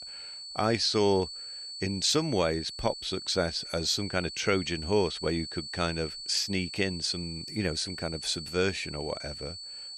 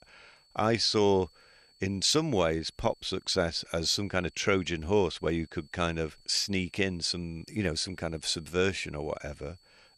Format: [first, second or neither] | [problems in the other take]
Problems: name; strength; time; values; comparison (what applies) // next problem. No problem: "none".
second | high-pitched whine; loud; throughout; 4.5 kHz, 9 dB below the speech; faint in the second